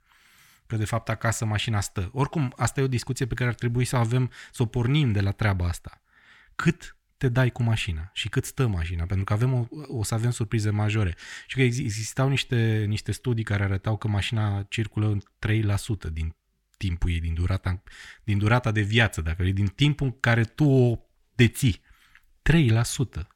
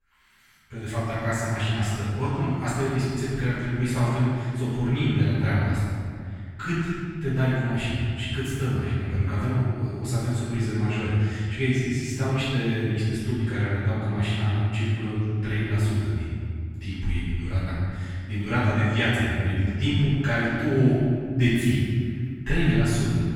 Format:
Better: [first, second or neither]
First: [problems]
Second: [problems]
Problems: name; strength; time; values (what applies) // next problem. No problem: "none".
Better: first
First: none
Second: room echo; strong; dies away in 2 s // off-mic speech; far